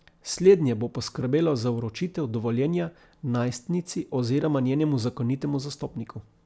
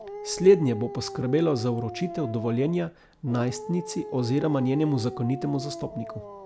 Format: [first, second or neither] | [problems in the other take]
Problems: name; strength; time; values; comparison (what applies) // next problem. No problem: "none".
first | background sound (Dog); 12 dB below the speech